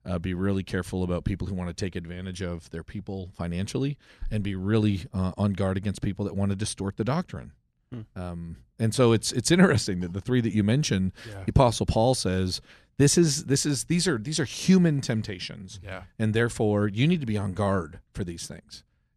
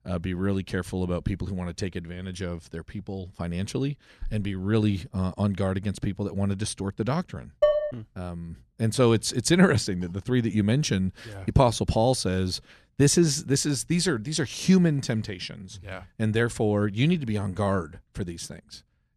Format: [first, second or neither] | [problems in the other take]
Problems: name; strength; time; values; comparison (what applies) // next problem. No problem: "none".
first | clattering dishes; loud; at 7.5 s; peak 3 dB above the speech